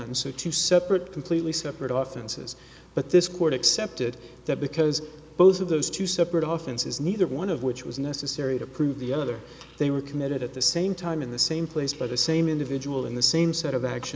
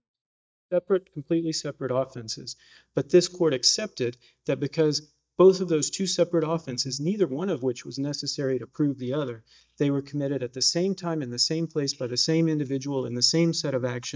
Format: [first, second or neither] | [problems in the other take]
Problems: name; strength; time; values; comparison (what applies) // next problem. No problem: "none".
first | noise reduction (neural mask model DeepFilterNet 3)